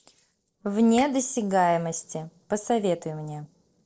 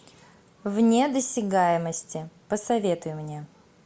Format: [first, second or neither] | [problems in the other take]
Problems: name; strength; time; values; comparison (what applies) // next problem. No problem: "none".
second | noise reduction (neural separator model SepFormer DNS4)